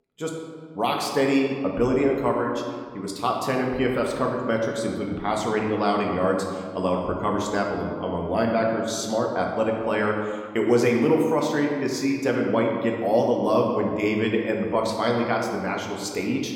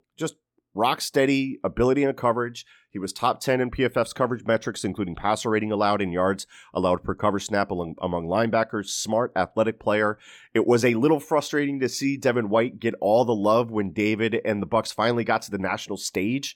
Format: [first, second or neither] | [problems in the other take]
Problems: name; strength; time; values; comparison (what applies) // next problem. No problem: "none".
second | room echo; noticeable; dies away in 1.5 s // off-mic speech; somewhat distant